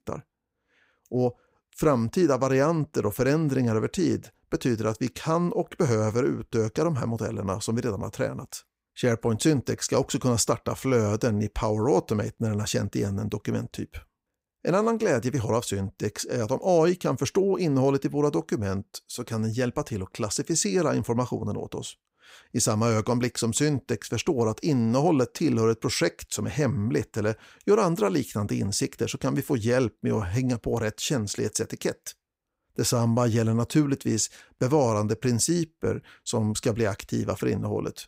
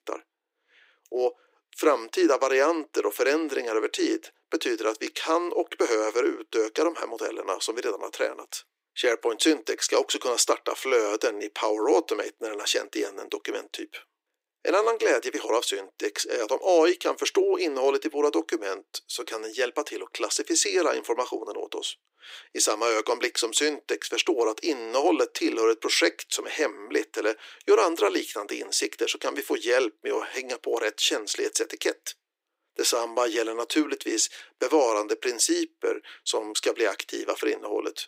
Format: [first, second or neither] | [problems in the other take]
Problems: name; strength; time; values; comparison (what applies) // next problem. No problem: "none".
first | thin; very; fading below 300 Hz